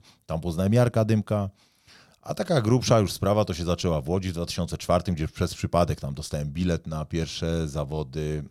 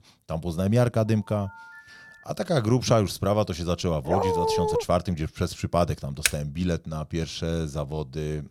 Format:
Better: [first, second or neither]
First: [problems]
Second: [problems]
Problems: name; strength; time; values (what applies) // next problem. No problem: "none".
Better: first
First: none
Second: phone ringing; faint; from 1 to 2 s; peak 20 dB below the speech // dog barking; loud; at 4 s; peak 2 dB above the speech // keyboard typing; loud; at 6.5 s; peak 1 dB above the speech